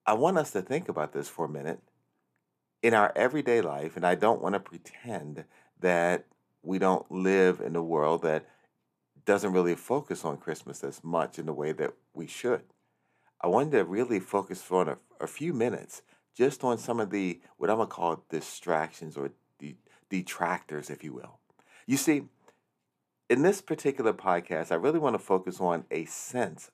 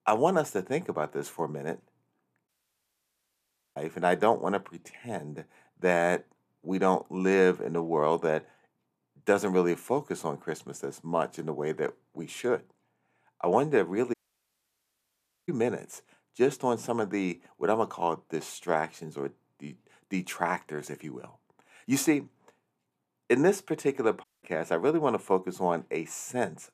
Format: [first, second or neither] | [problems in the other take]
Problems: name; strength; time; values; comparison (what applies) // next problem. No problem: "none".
first | audio cutting out; at 2.5 s for 1.5 s, at 14 s for 1.5 s and at 24 s